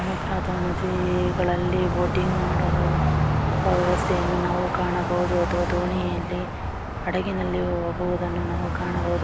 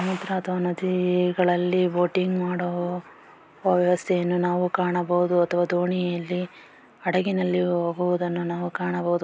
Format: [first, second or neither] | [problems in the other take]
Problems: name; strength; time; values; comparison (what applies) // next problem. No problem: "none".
second | background sound (Car passing by); 1 dB above the speech